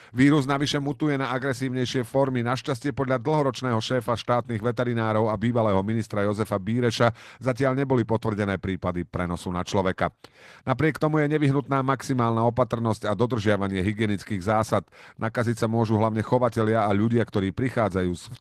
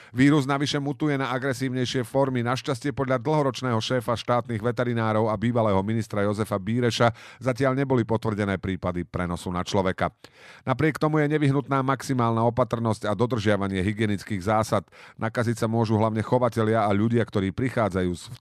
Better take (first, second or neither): second